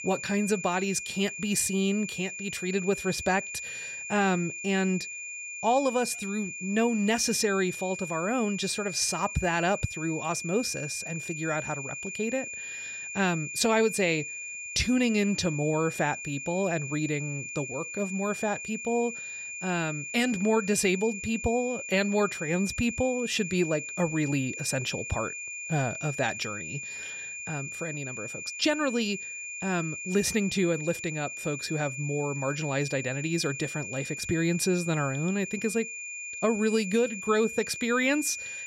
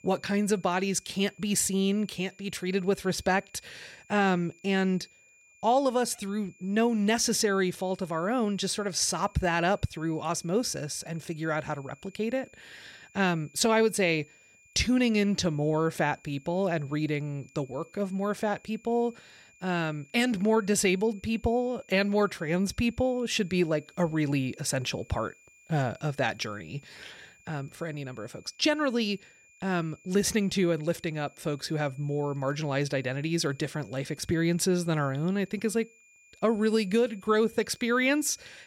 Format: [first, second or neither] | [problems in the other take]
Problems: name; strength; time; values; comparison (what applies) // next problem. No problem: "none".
second | high-pitched whine; loud; throughout; 2.5 kHz, 7 dB below the speech; faint in the second